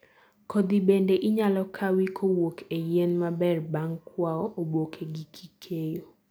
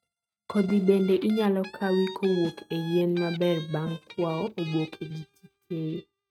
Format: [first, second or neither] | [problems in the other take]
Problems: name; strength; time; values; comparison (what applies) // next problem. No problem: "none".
first | noise reduction (neural mask model RNNoise)